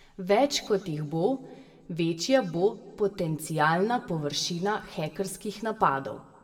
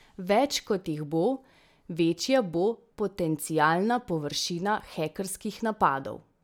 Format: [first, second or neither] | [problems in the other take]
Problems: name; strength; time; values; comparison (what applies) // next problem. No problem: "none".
second | room echo; dies away in 1.1 s